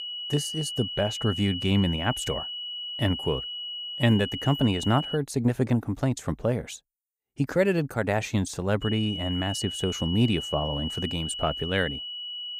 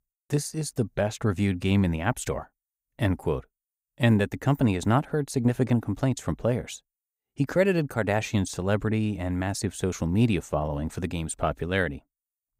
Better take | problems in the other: second | high-pitched whine; loud; until 5 s and from 9 s on; 3 kHz, 5 dB below the speech

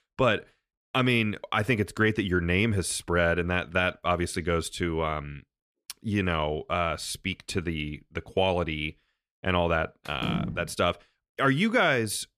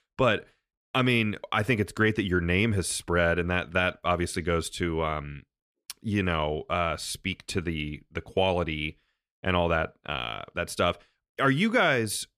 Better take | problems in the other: second | door banging; noticeable; at 10 s; peak 4 dB below the speech

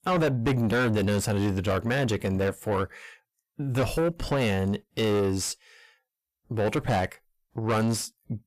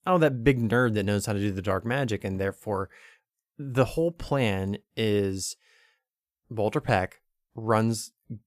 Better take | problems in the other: second | distortion; heavy; 6 dB below the speech

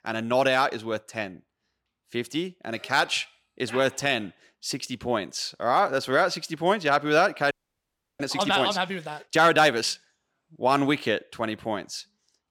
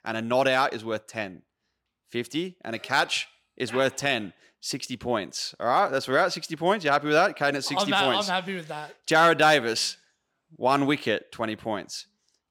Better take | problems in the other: second | audio freezing; at 7.5 s for 0.5 s

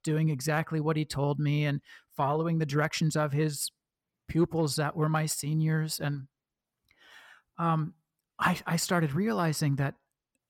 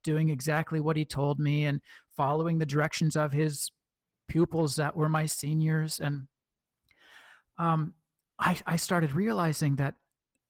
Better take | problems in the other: first | garbled, watery; slightly; nothing above 17 kHz

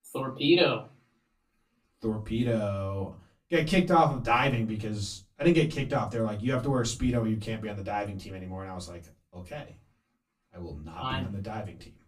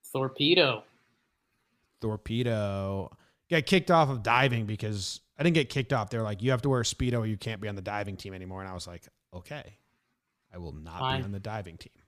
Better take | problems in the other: second | off-mic speech; far // room echo; very slight; dies away in 0.2 s

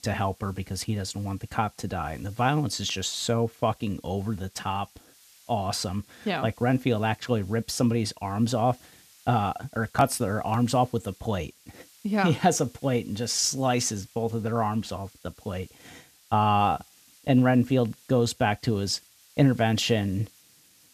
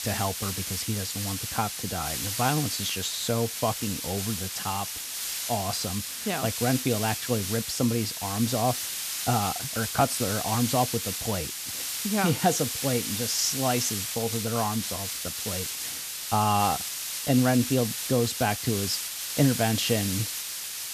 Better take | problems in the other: first | hiss; loud; throughout; 2 dB below the speech; faint in the first

